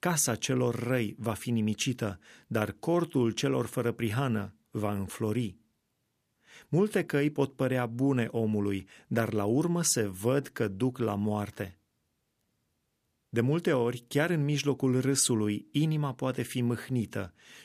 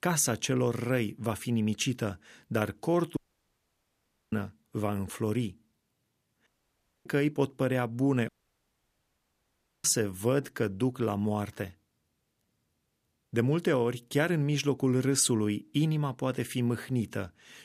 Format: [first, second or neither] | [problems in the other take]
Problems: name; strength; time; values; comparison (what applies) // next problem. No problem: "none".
first | audio cutting out; at 3 s for 1 s, at 6.5 s for 0.5 s and at 8.5 s for 1.5 s